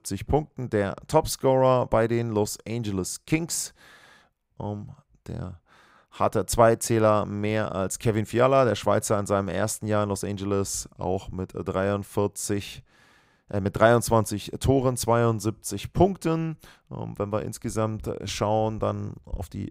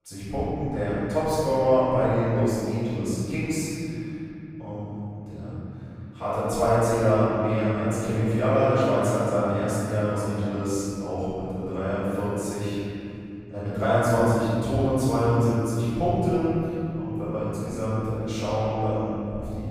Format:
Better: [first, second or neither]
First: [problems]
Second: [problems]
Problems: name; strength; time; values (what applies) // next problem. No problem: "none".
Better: first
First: none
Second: off-mic speech; far // room echo; strong; dies away in 3 s